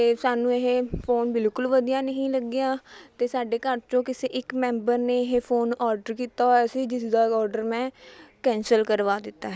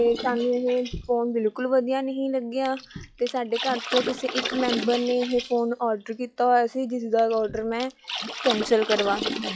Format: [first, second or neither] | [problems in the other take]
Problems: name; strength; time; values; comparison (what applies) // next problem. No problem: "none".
first | noise reduction (classical method log-MMSE)